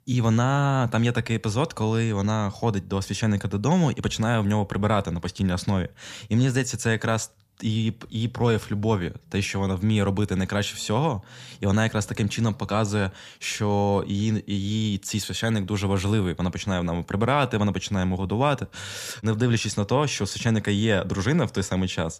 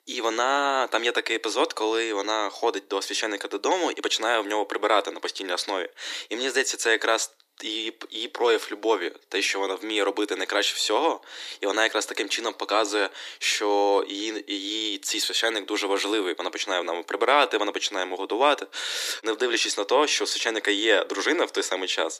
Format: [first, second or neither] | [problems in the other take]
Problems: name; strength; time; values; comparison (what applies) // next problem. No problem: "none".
first | thin; very; fading below 300 Hz